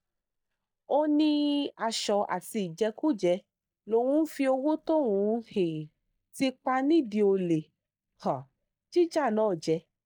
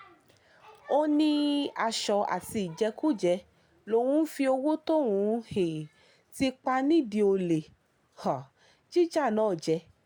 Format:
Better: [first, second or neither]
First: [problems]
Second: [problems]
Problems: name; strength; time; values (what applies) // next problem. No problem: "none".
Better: second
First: noise reduction (neural mask model DeepFilterNet 3)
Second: none